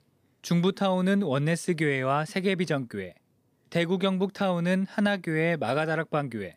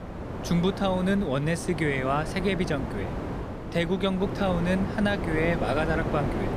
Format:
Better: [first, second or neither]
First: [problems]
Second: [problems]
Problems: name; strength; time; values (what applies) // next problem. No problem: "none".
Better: first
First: none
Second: wind noise on the microphone; heavy; 7 dB below the speech